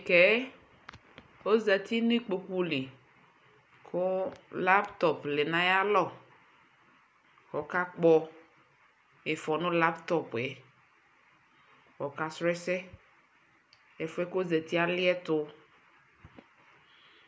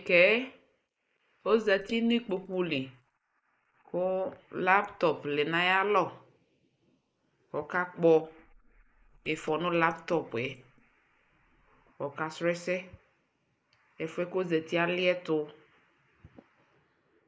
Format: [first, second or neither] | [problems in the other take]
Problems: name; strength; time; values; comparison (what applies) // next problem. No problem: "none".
first | noise reduction (neural mask model Resemble Enhance denoiser)